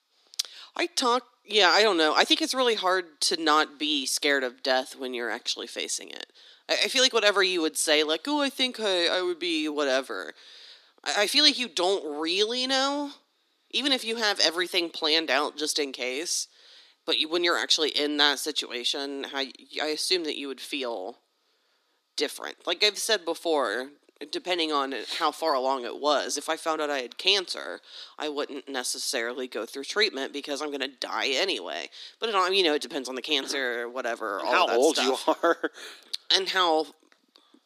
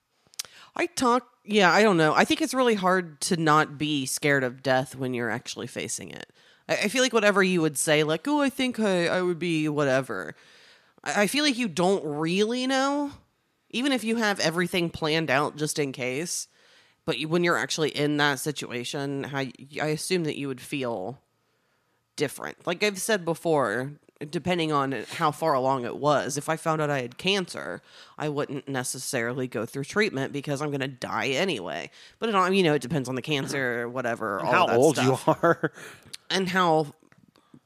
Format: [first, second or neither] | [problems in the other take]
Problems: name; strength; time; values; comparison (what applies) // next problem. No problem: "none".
second | thin; very slightly; fading below 300 Hz